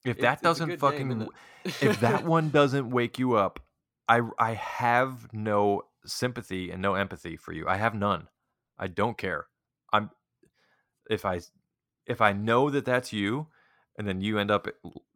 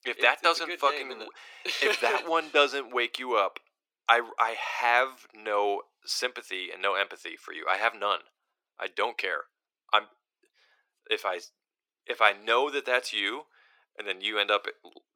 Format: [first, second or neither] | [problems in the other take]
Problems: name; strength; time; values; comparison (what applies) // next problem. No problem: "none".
first | thin; very; fading below 350 Hz